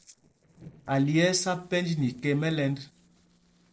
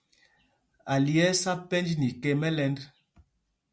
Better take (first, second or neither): second